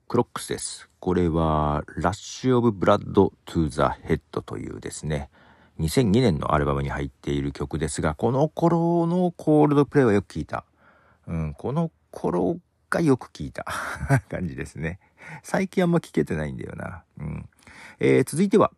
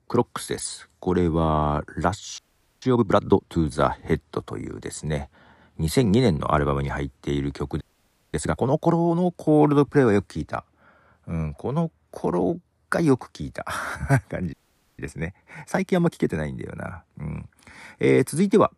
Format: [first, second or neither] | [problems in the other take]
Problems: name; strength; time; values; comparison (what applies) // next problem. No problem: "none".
first | audio freezing; at 2.5 s, at 8 s for 0.5 s and at 15 s